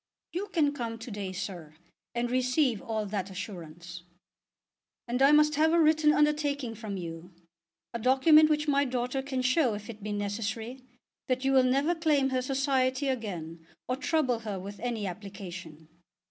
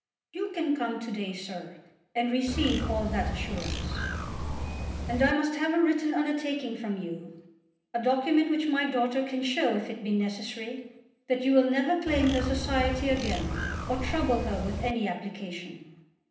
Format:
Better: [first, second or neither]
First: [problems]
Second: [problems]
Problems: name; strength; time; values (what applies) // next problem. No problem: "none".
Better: first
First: none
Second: background sound (Bird); 3 dB below the speech // room echo; dies away in 0.8 s